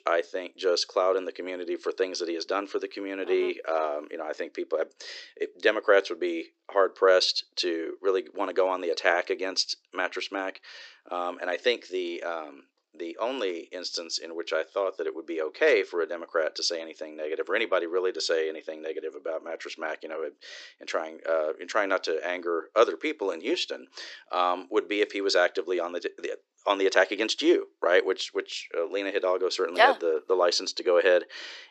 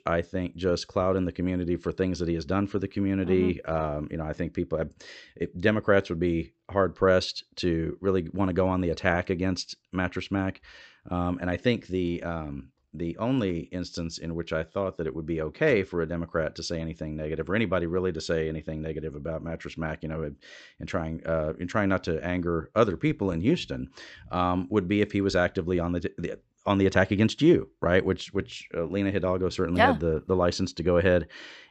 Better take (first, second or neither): second